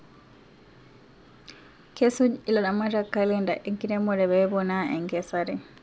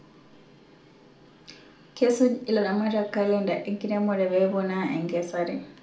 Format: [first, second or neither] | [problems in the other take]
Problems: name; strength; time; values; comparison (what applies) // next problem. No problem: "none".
first | room echo; dies away in 0.4 s